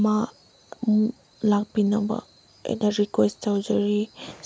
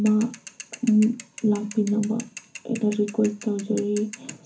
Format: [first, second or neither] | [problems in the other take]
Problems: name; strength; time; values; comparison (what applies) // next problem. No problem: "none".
first | background sound (Mechanisms / Bicycle); 18 dB below the speech // room echo; dies away in 0.3 s